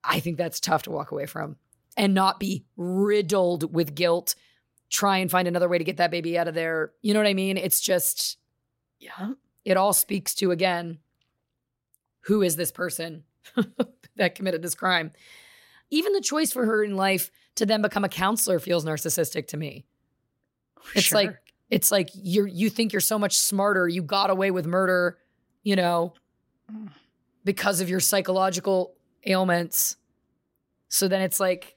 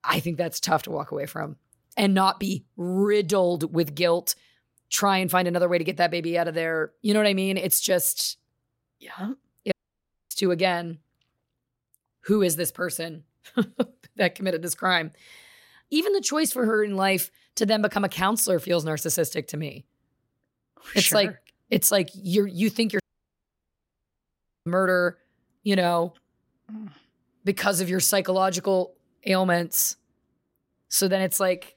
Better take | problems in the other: first | audio cutting out; at 9.5 s for 0.5 s and at 23 s for 1.5 s

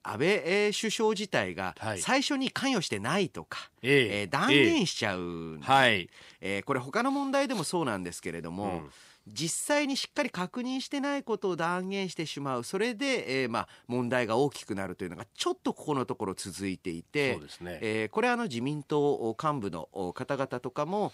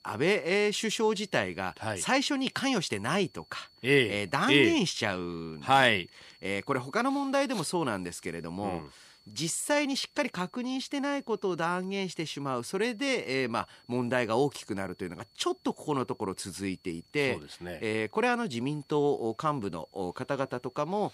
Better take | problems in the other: first | high-pitched whine; faint; throughout; 4.5 kHz, 30 dB below the speech

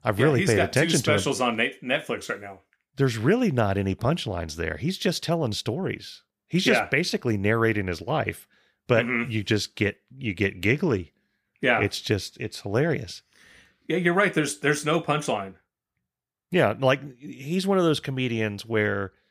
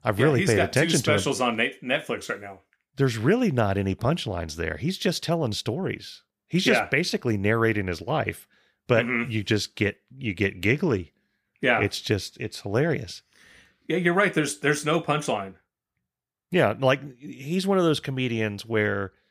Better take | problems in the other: neither | none

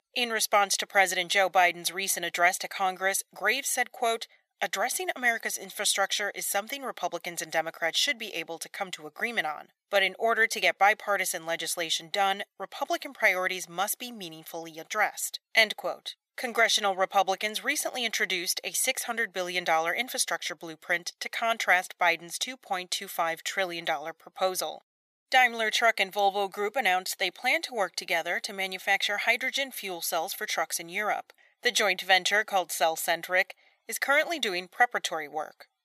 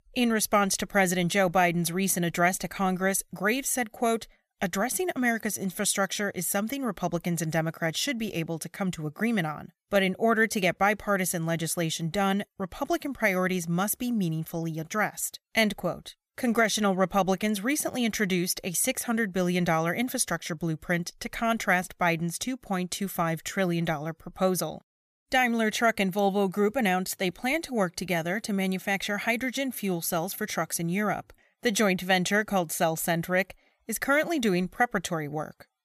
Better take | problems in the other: second | thin; very; fading below 550 Hz

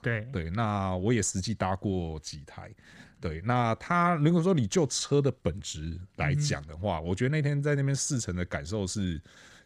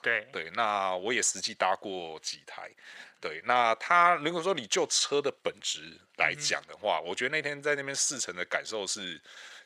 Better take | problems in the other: first | thin; very; fading below 600 Hz

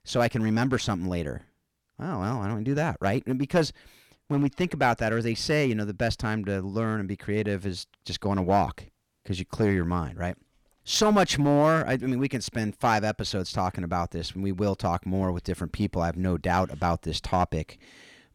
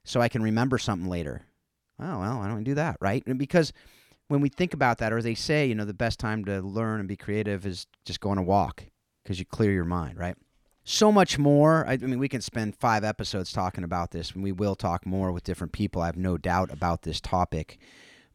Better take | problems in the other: second | distortion; slight; 3% of the sound clipped

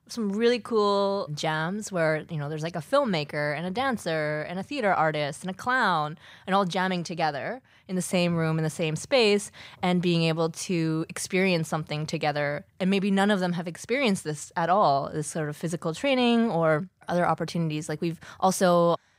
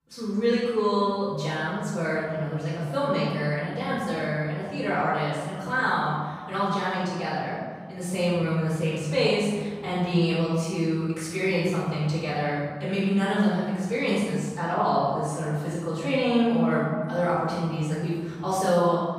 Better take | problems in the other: first | off-mic speech; far // room echo; strong; dies away in 1.8 s

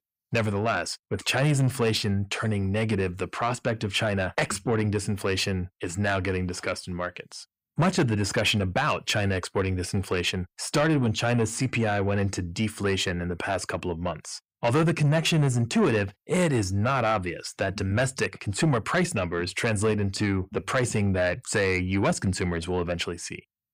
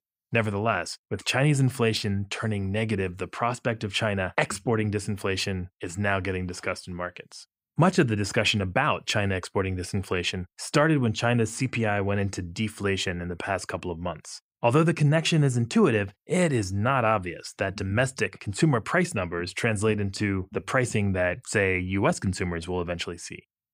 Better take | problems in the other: second | distortion; slight; 10 dB below the speech

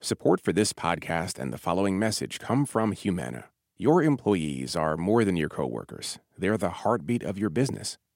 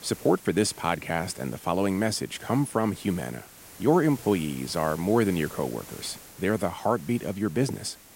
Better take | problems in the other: first | hiss; noticeable; throughout; 20 dB below the speech

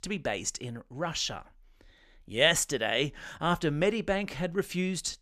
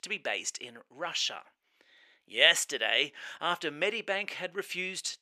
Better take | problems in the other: first | thin; somewhat; fading below 400 Hz

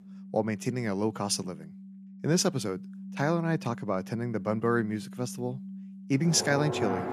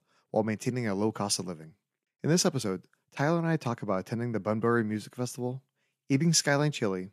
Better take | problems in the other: second | background music; noticeable; throughout; 10 dB below the speech

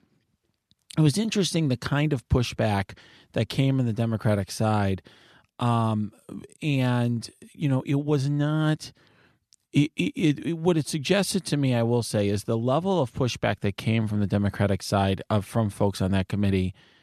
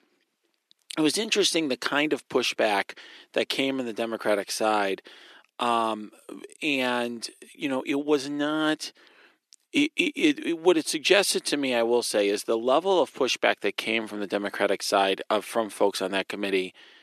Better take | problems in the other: first | thin; somewhat; fading below 350 Hz

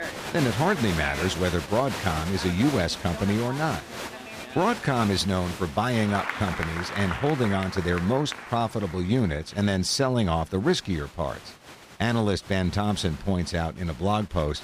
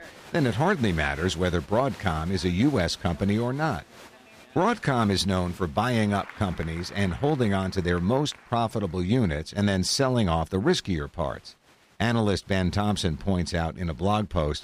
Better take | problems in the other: second | crowd noise; loud; throughout; 9 dB below the speech; faint in the second

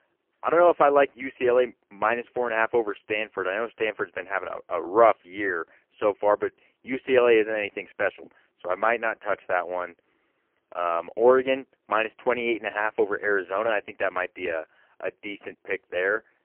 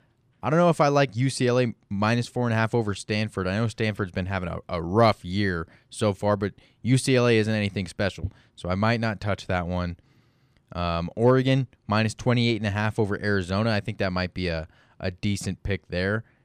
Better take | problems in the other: second | phone-call audio; poor line; nothing above 3 kHz

